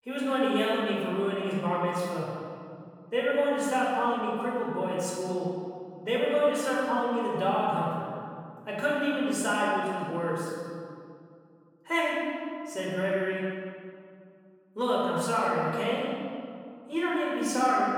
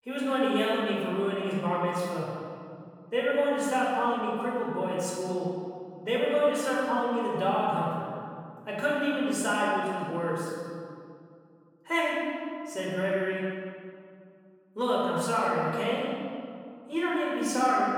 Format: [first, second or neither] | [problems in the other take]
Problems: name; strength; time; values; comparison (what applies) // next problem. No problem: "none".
neither | room echo; strong; dies away in 2.1 s; the same in both // off-mic speech; far; the same in both